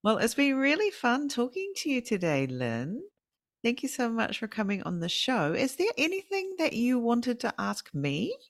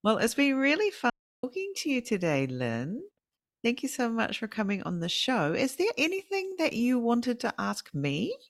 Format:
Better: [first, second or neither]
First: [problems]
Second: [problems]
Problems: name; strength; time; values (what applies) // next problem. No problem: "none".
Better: first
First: none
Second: audio cutting out; at 1 s